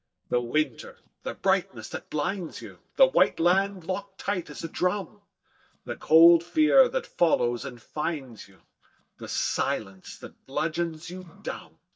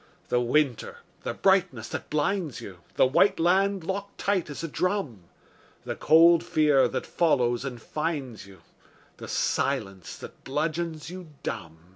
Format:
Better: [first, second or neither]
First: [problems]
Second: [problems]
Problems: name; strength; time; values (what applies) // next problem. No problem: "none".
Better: second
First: noise reduction (neural mask model DeepFilterNet 3)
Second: none